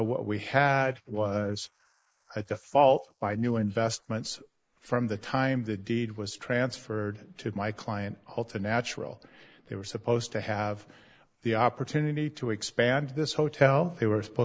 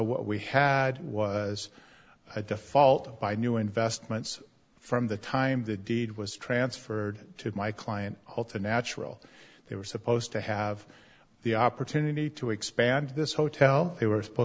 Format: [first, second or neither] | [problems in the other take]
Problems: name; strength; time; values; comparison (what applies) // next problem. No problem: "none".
second | noise reduction (neural mask model Resemble Enhance denoiser)